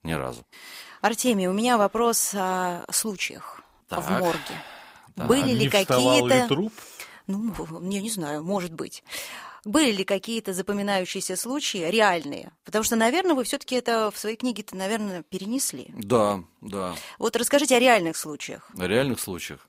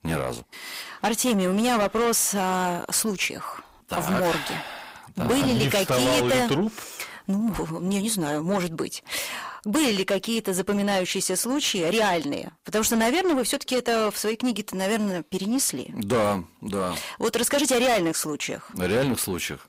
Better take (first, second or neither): first